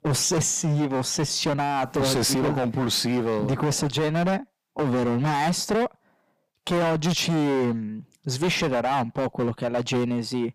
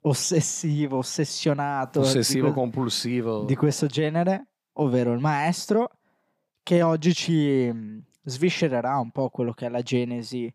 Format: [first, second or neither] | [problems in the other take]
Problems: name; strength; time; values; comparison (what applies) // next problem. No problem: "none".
second | distortion; heavy; 22% of the sound clipped